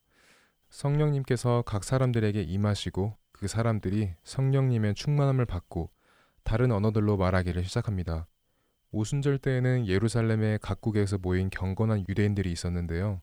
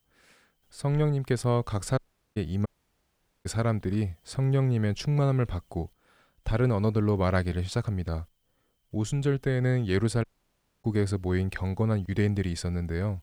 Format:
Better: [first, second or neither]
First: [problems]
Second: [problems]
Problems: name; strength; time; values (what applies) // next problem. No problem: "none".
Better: first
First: none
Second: audio cutting out; at 2 s, at 2.5 s for 1 s and at 10 s for 0.5 s